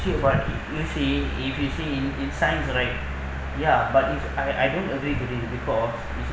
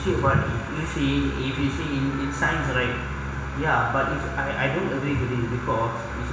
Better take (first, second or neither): first